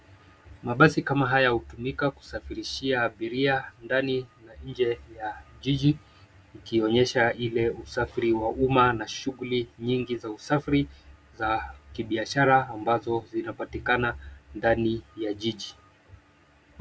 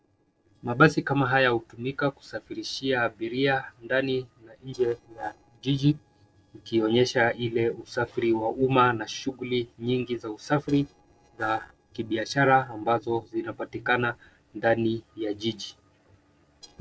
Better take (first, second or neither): first